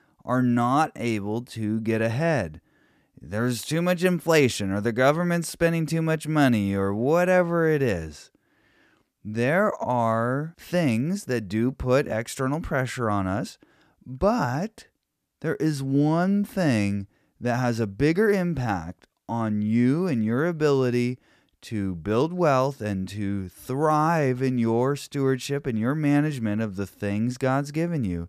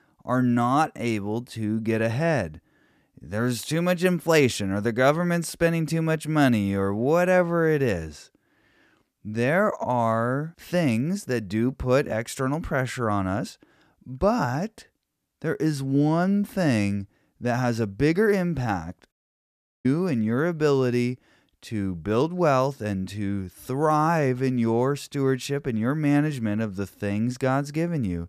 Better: first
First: none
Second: audio cutting out; at 19 s for 0.5 s

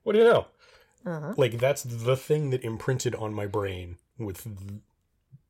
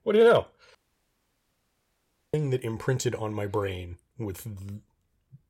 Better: first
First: none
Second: audio cutting out; at 1 s for 1.5 s

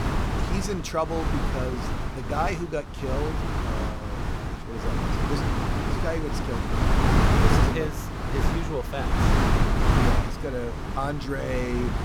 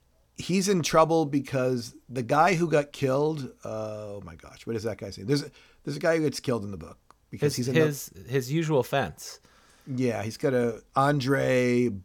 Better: second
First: wind noise on the microphone; heavy; 2 dB above the speech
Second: none

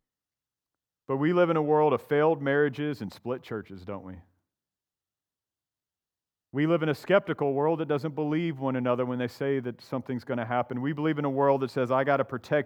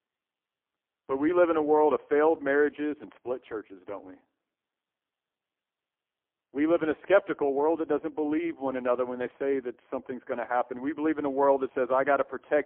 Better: first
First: none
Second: phone-call audio; poor line; nothing above 3.5 kHz

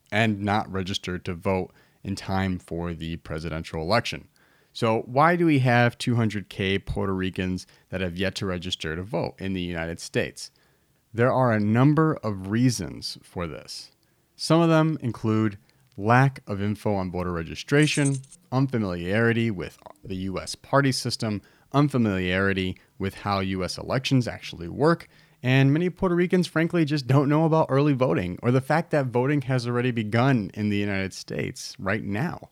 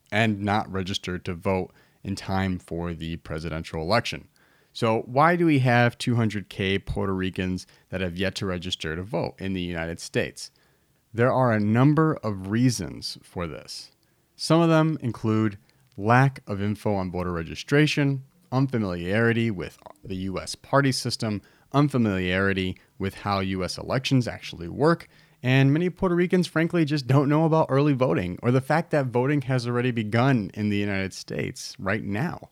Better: second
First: jangling keys; noticeable; at 18 s; peak 8 dB below the speech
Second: none

